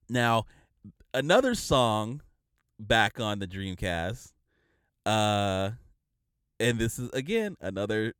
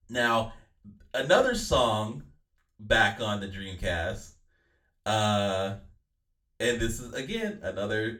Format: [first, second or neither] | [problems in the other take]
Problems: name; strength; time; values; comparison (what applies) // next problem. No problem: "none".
first | room echo; very slight; dies away in 0.3 s // off-mic speech; far